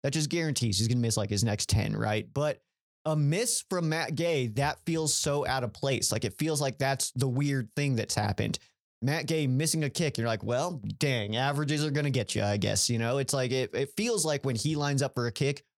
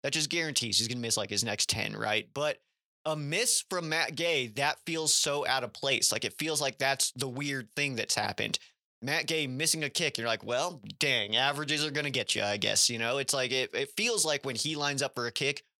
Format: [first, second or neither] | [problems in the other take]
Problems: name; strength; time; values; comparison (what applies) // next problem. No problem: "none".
first | thin; somewhat; fading below 550 Hz